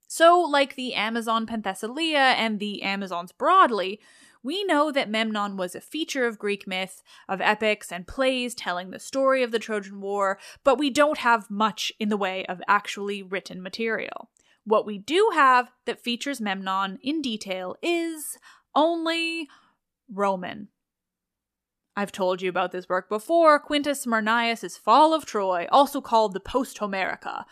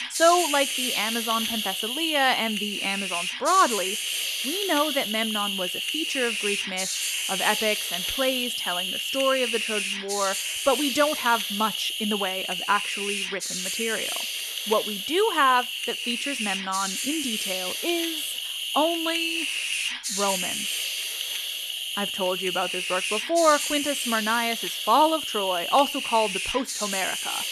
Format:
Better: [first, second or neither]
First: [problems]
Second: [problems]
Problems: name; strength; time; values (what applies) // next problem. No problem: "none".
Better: first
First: none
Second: hiss; loud; throughout; 1 dB below the speech